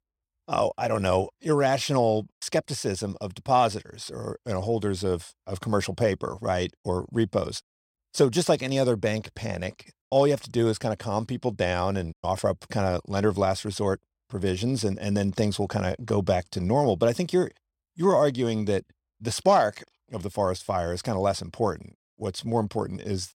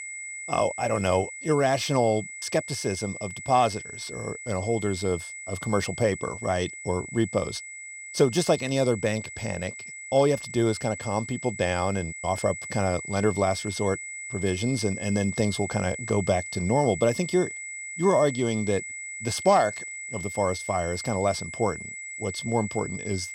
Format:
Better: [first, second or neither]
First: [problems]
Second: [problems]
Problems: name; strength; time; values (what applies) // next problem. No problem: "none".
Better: first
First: none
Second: high-pitched whine; loud; throughout; 2 kHz, 9 dB below the speech